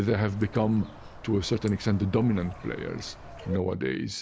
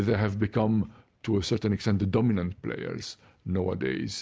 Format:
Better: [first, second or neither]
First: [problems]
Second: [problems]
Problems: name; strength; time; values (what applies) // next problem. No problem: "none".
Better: second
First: background sound (Bird); 16 dB below the speech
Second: none